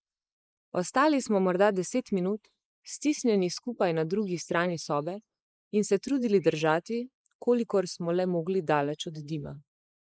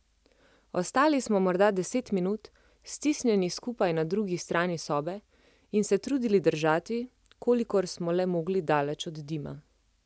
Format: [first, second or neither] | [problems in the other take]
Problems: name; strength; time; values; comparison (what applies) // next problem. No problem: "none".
second | noise reduction (neural mask model Resemble Enhance denoiser)